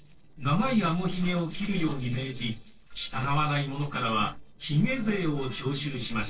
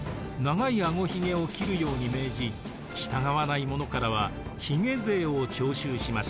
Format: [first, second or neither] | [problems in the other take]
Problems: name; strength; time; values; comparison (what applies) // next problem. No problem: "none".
second | noise reduction (neural separator model SepFormer DNS4)